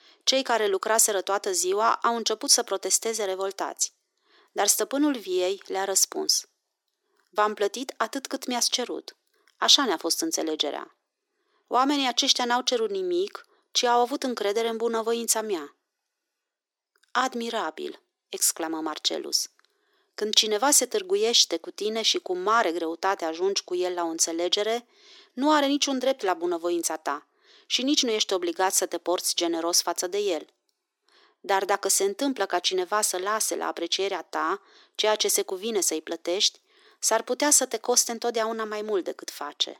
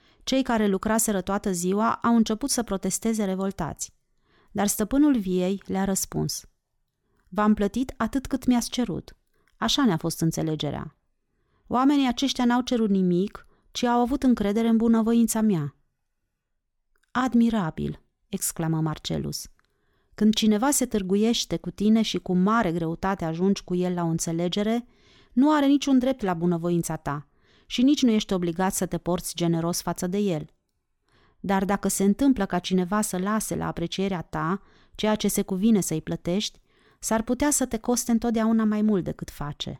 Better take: second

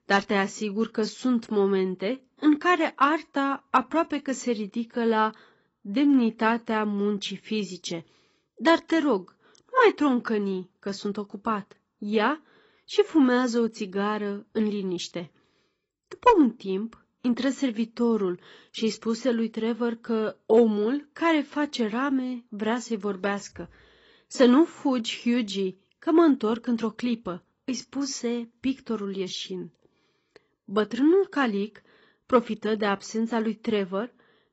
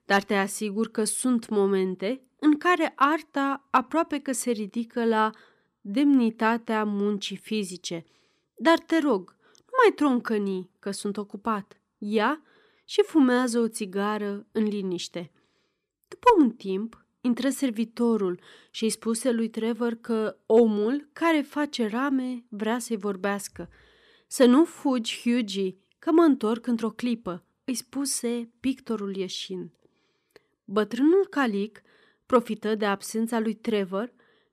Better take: second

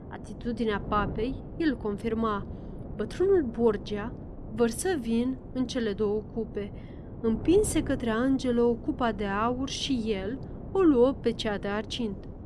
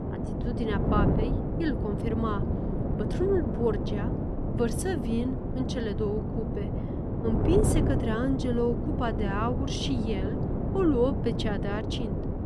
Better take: first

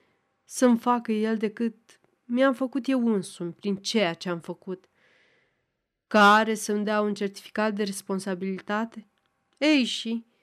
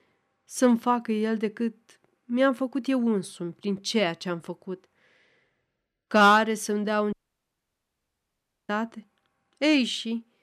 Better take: first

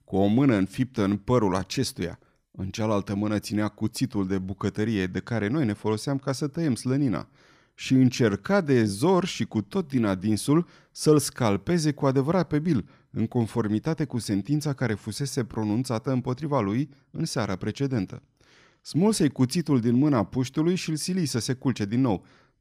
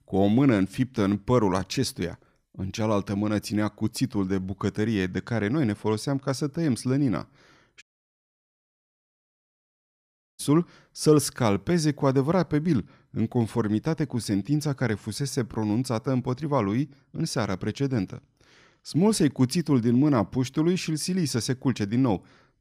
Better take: first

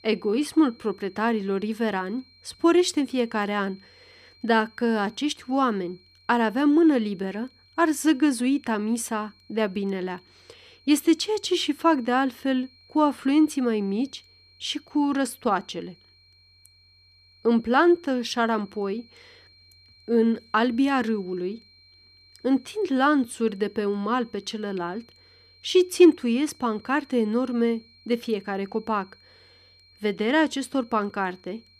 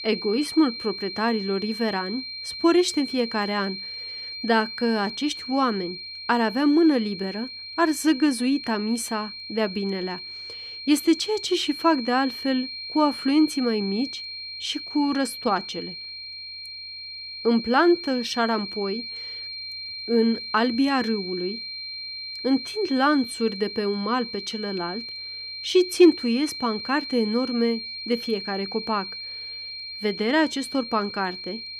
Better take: first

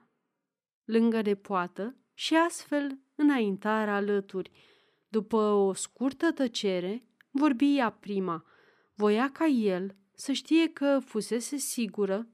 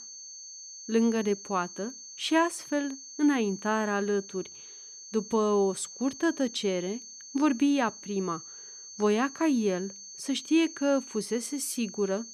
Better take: first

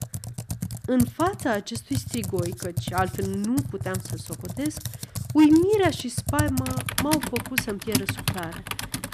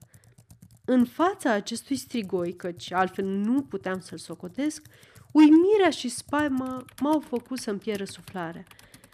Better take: second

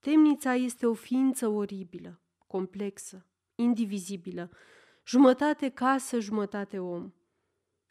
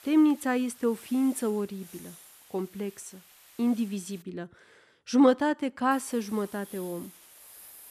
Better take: first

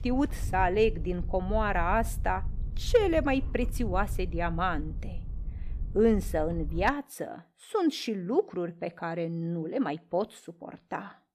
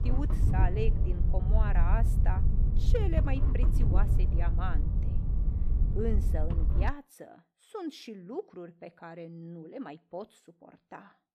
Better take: first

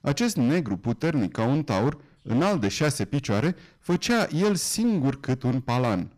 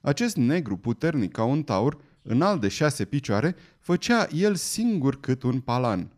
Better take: second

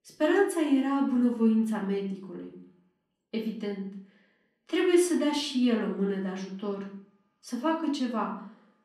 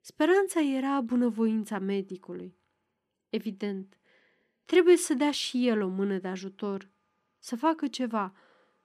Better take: second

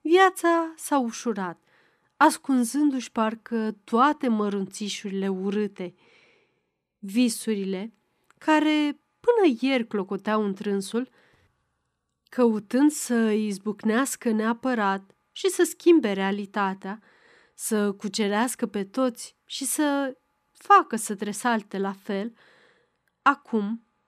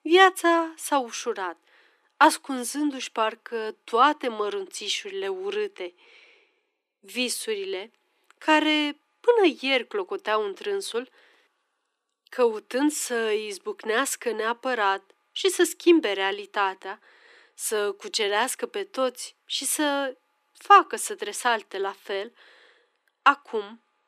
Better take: first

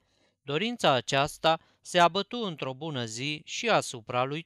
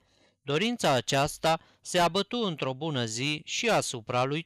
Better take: first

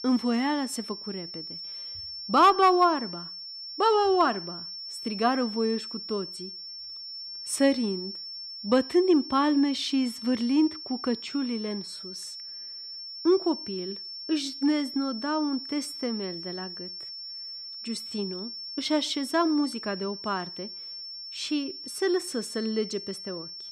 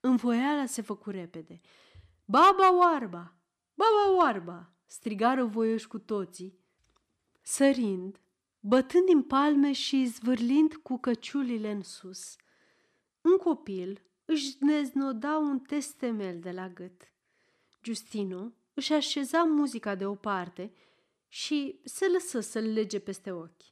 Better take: second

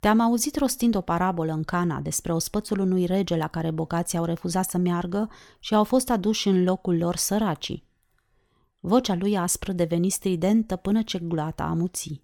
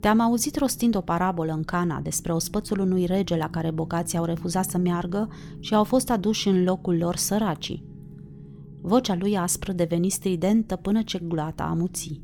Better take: first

